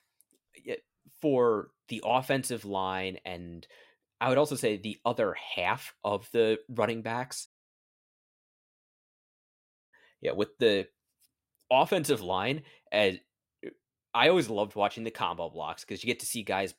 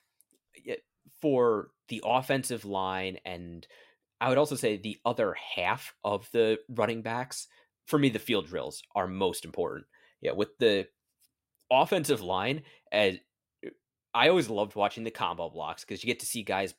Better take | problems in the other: second | audio cutting out; at 7.5 s for 2.5 s

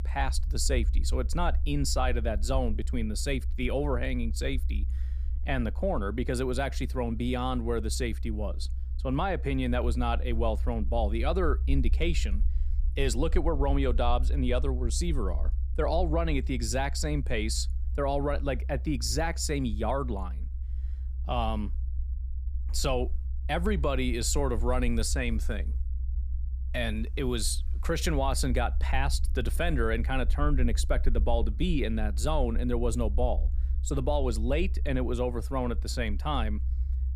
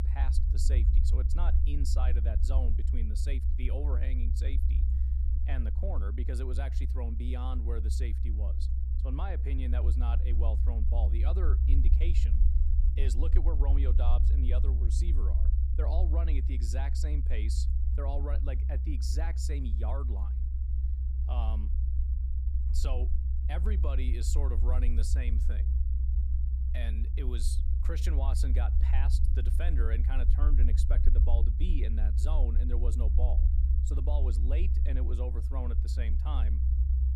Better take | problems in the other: first | low rumble; loud; throughout; 5 dB below the speech; faint in the first

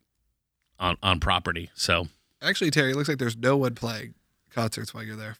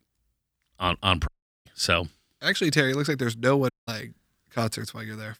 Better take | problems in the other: first | audio cutting out; at 1.5 s and at 3.5 s

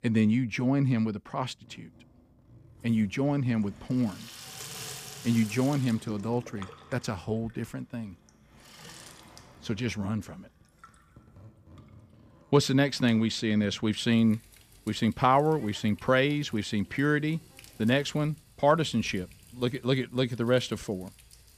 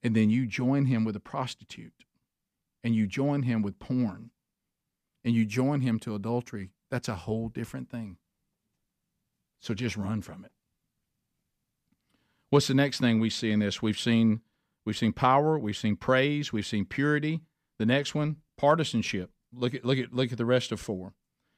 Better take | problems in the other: second | household noises; faint; throughout; 20 dB below the speech

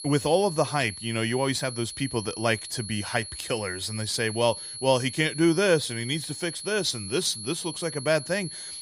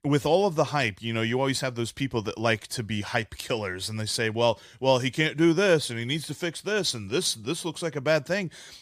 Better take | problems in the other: second | high-pitched whine; loud; throughout; 4.5 kHz, 9 dB below the speech

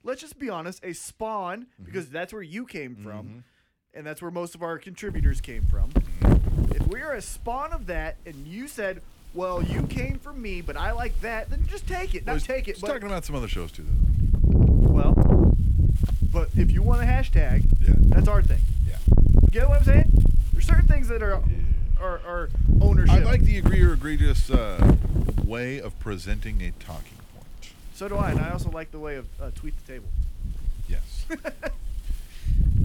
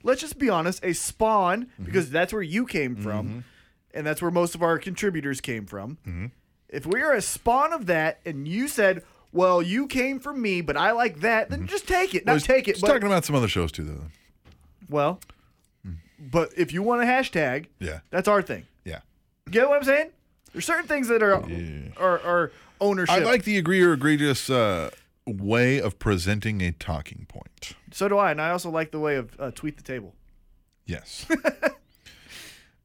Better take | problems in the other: second | wind noise on the microphone; heavy; from 5 s on; 2 dB below the speech

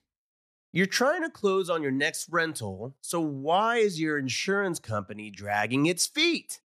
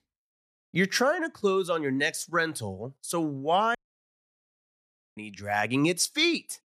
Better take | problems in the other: first | audio cutting out; at 4 s for 1.5 s

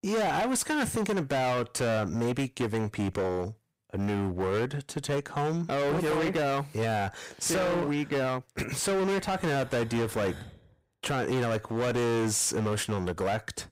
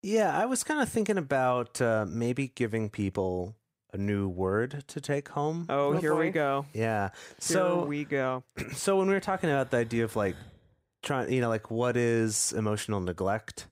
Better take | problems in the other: second | distortion; heavy; 25% of the sound clipped

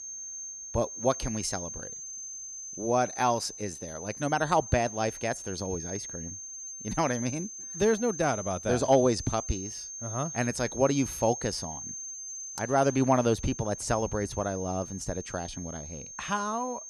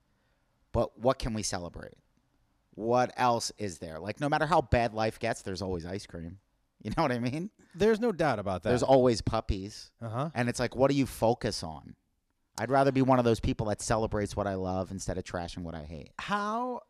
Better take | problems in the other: second | high-pitched whine; loud; throughout; 6.5 kHz, 9 dB below the speech

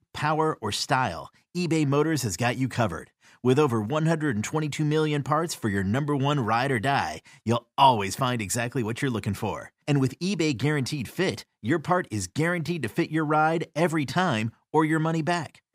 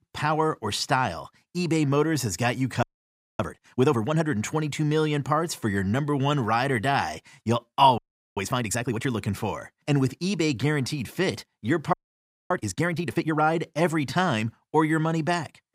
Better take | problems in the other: first | audio freezing; at 3 s for 0.5 s, at 8 s and at 12 s for 0.5 s

